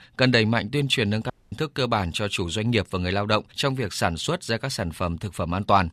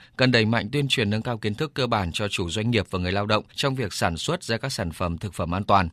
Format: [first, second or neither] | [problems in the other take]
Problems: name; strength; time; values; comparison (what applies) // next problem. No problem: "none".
second | audio cutting out; at 1.5 s